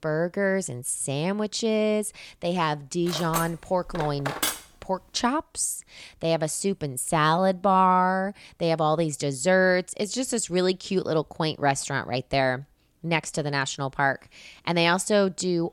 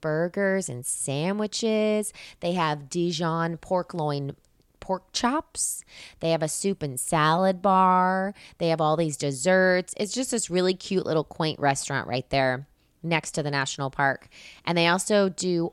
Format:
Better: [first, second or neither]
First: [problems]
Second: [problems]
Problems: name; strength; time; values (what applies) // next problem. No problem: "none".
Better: second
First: clattering dishes; noticeable; from 3 to 4.5 s; peak 2 dB below the speech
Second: none